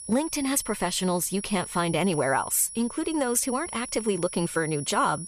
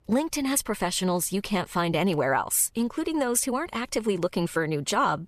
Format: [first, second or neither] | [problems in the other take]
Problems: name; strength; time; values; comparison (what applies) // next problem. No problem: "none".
second | high-pitched whine; noticeable; throughout; 10.5 kHz, 10 dB below the speech